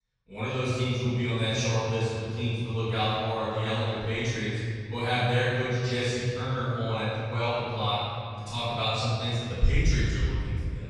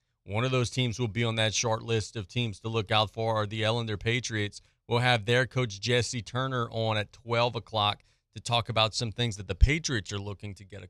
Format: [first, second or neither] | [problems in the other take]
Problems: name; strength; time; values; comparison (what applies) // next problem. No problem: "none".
second | off-mic speech; far // room echo; strong; dies away in 3 s